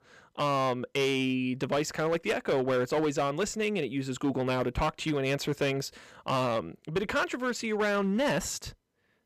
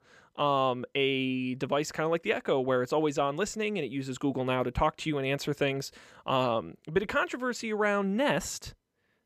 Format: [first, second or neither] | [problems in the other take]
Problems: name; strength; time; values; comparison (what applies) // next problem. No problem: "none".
second | distortion; slight; 9% of the sound clipped